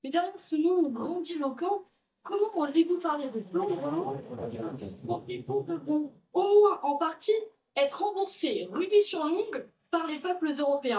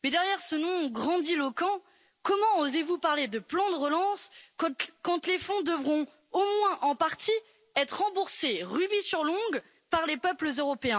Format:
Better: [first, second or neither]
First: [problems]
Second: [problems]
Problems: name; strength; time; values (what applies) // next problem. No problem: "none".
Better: second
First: noise reduction (neural mask model DeepFilterNet 3)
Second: none